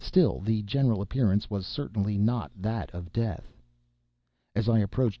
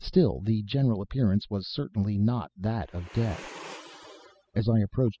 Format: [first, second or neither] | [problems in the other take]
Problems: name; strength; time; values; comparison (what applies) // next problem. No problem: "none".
first | noise reduction (classical method spectral subtraction)